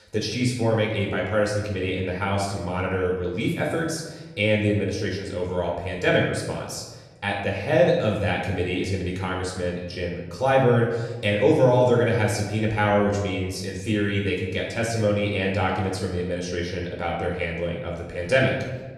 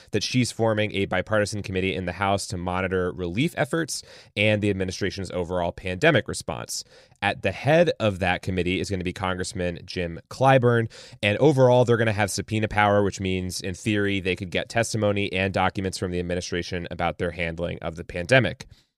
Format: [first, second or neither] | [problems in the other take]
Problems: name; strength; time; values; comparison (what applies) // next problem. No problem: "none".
second | off-mic speech; far // room echo; noticeable; dies away in 1 s